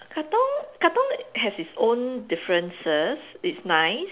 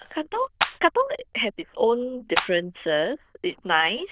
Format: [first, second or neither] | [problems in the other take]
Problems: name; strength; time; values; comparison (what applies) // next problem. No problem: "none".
first | noise reduction (neural diffusion model UNIVERSE++)